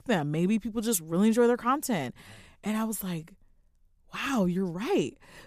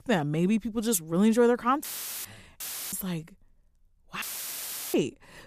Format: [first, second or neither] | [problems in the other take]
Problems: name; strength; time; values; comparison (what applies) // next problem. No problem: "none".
first | audio cutting out; filled with static; at 2 s, at 2.5 s and at 4 s for 0.5 s